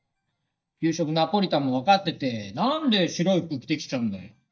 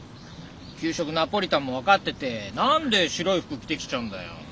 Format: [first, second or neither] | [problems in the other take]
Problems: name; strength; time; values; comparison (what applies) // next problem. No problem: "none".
second | noise reduction (neural mask model DeepFilterNet 3)